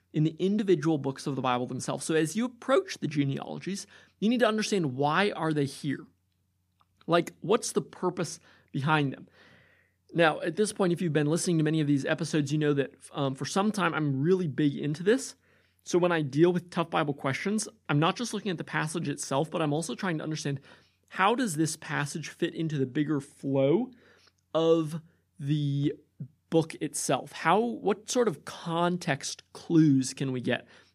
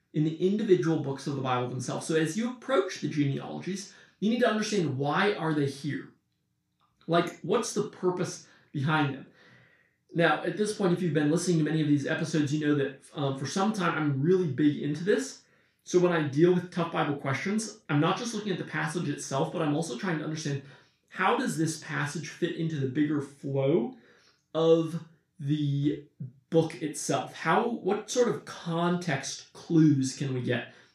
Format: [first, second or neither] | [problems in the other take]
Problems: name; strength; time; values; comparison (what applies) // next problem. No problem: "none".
first | room echo; noticeable; dies away in 0.3 s // off-mic speech; far